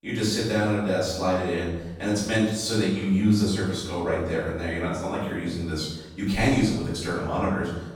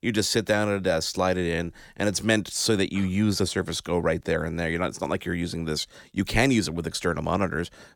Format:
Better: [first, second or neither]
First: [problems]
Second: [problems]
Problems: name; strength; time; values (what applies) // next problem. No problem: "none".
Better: second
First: room echo; strong; dies away in 0.9 s // off-mic speech; far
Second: none